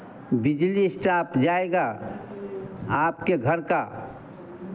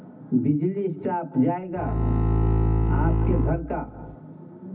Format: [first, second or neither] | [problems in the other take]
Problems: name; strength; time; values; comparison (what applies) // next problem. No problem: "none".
first | background sound (Bowed string instrument); 5 dB above the speech // room echo; dies away in 0.4 s